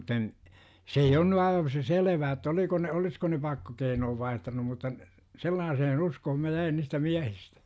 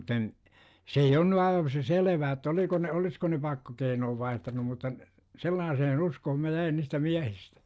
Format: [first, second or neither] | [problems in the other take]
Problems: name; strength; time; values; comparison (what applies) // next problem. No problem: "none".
first | noise reduction (neural separator model SepFormer DNS4)